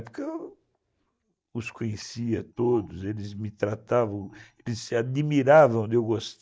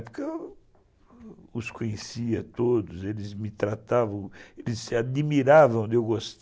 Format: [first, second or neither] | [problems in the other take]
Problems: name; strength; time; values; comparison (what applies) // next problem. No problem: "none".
second | noise reduction (neural mask model DeepFilterNet 3)